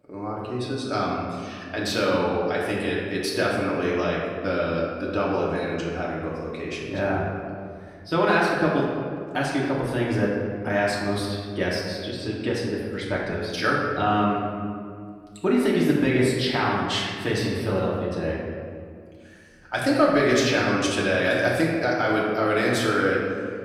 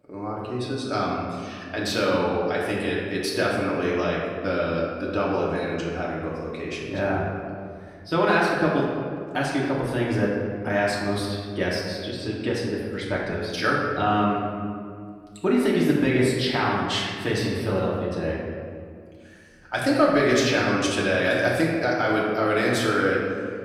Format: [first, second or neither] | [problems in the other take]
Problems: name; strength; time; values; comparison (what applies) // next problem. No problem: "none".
neither | room echo; noticeable; dies away in 1.8 s; the same in both // off-mic speech; far; the same in both